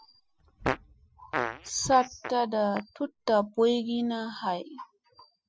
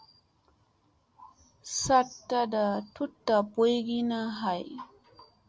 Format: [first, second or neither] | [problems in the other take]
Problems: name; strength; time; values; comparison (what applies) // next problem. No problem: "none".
second | noise reduction (classical method spectral subtraction)